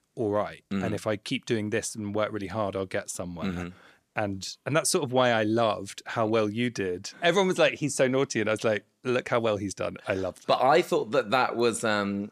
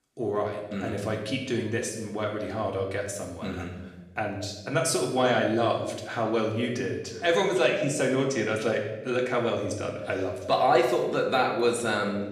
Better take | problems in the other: first | room echo; noticeable; dies away in 0.9 s // off-mic speech; far

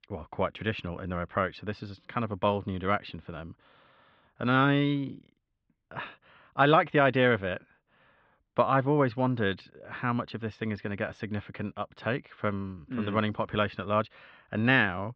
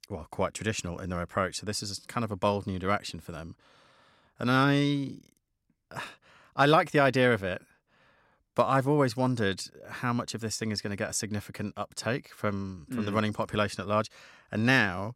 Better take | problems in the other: second | muffled; very; fading above 3.5 kHz

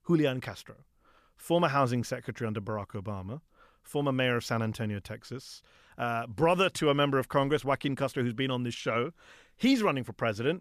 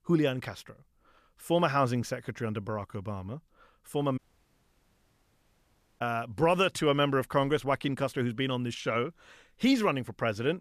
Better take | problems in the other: first | audio cutting out; at 4 s for 2 s

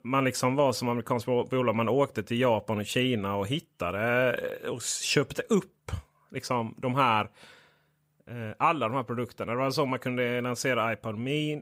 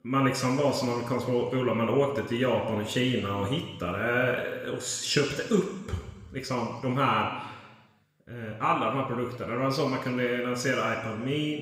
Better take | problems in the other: first | room echo; noticeable; dies away in 1.3 s // off-mic speech; somewhat distant

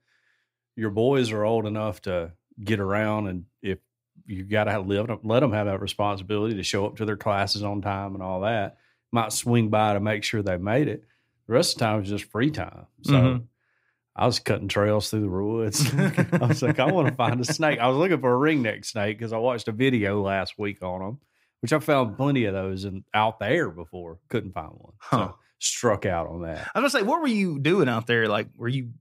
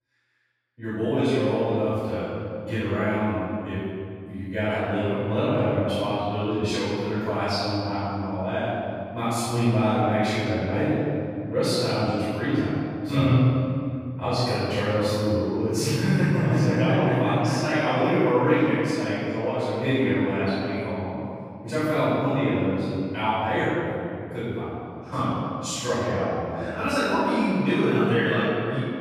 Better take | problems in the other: first | room echo; strong; dies away in 2.4 s // off-mic speech; far

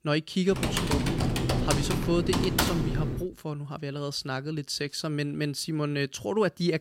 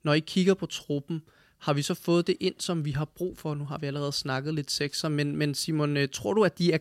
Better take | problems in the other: second | keyboard typing; loud; from 0.5 to 3 s; peak 5 dB above the speech

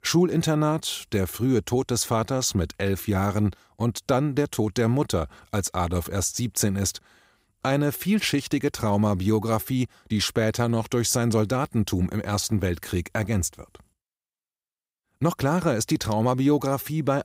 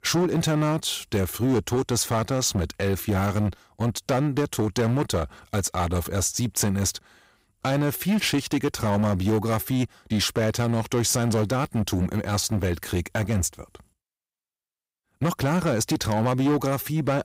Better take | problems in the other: first | distortion; slight; 11% of the sound clipped

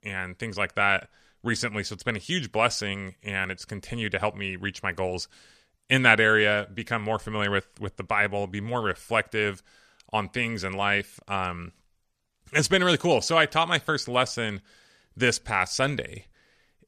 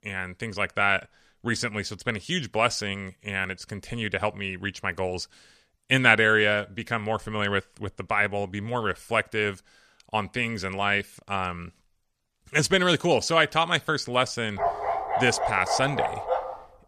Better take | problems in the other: first | dog barking; noticeable; from 15 s on; peak 1 dB below the speech

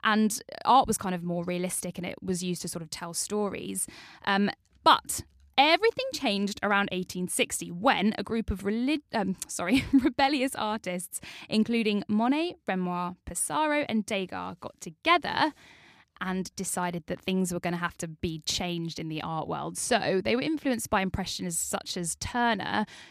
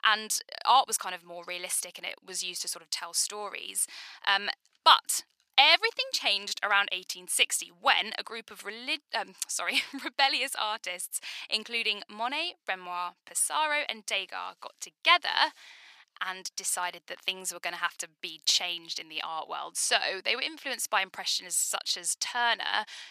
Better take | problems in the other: first | thin; very; fading below 900 Hz

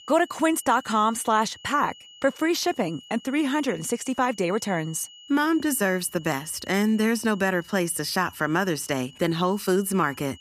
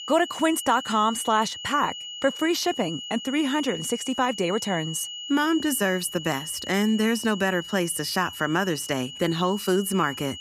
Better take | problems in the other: first | high-pitched whine; loud; throughout; 3 kHz, 10 dB below the speech; faint in the first

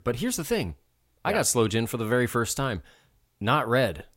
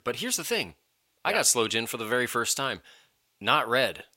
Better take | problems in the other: first | thin; somewhat; fading below 550 Hz

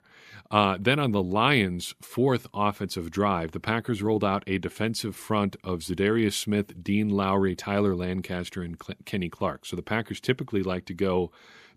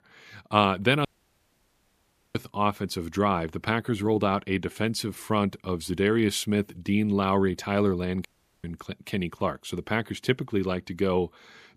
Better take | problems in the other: first | audio cutting out; at 1 s for 1.5 s and at 8.5 s

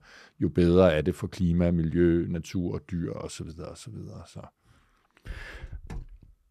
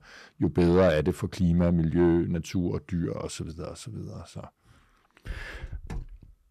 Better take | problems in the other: first | distortion; slight; 10 dB below the speech

